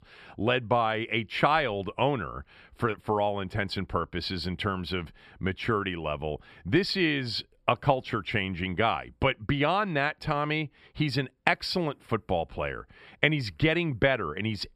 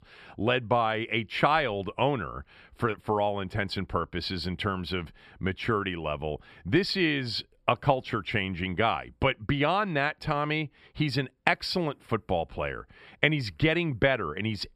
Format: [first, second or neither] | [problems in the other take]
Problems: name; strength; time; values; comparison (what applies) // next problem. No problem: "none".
neither | none